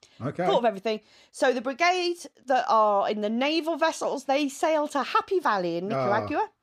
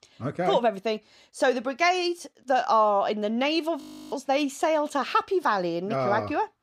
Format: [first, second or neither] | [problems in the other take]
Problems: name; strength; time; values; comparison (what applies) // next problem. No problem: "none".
first | audio freezing; at 4 s